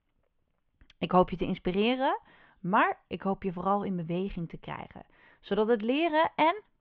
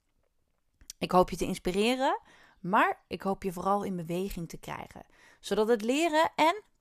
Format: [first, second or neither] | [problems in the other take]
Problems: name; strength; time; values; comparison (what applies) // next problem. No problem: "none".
second | muffled; very; fading above 3 kHz